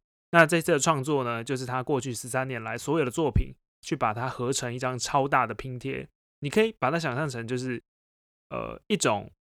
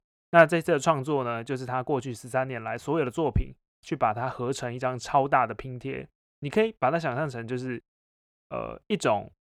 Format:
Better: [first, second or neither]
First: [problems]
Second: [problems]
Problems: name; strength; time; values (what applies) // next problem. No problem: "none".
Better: first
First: none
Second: muffled; slightly; fading above 3.5 kHz